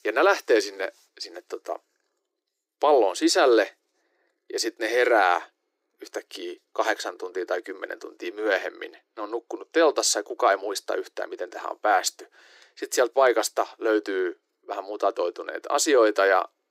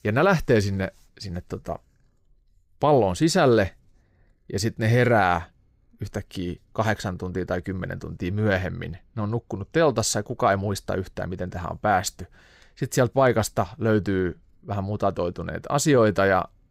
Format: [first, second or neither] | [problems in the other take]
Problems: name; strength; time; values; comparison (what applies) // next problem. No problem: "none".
second | thin; very; fading below 300 Hz